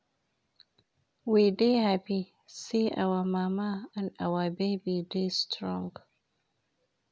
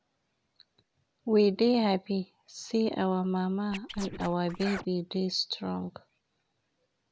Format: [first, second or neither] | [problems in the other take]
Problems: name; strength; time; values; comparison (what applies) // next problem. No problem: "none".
first | background sound (Scratching (performance technique)); 11 dB below the speech